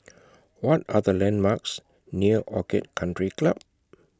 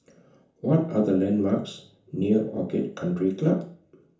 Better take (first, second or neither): first